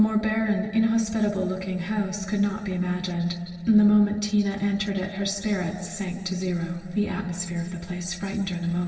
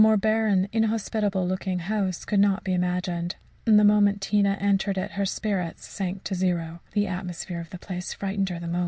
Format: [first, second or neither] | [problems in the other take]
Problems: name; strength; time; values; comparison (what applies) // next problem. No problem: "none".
second | room echo; dies away in 2 s